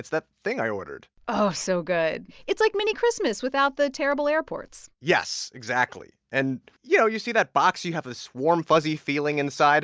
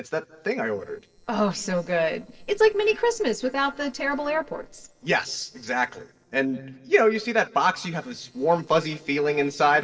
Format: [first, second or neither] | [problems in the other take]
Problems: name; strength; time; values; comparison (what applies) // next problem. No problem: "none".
first | noise reduction (neural separator model SepFormer DNS4)